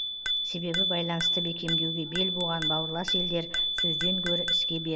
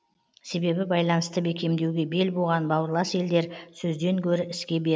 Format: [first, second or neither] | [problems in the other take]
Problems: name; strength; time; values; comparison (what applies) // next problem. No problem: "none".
second | background sound (Bicycle bell); 4 dB above the speech